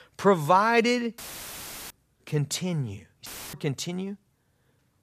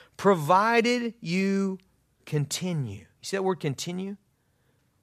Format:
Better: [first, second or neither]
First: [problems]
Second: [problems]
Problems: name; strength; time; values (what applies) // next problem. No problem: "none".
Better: second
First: audio cutting out; filled with static; at 1 s for 0.5 s and at 3.5 s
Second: none